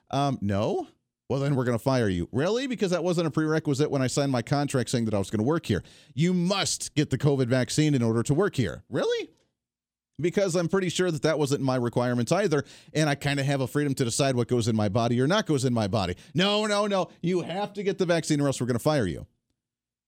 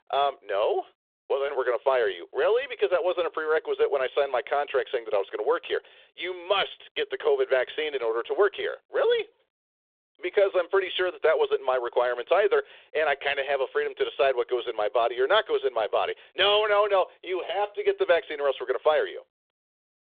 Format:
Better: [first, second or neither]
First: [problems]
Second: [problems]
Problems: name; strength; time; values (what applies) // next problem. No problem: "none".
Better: first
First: none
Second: phone-call audio